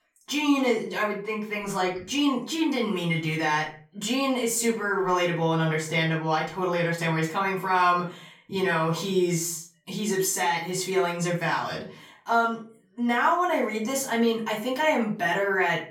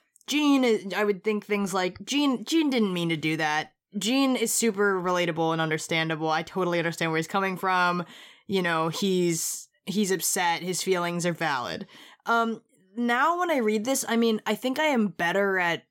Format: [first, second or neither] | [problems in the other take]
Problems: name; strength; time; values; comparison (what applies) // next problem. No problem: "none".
second | room echo; slight; dies away in 0.3 s // off-mic speech; far